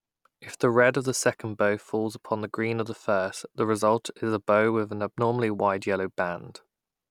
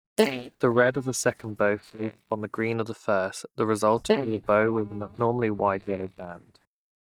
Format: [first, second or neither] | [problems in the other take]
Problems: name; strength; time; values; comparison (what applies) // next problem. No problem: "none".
first | noise reduction (neural mask model DeepFilterNet 3)